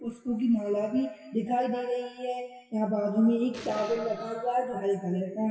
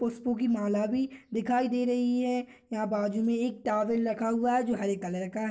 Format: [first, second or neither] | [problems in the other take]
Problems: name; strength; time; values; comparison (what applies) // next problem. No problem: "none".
second | noise reduction (classical method WPE with log-MMSE)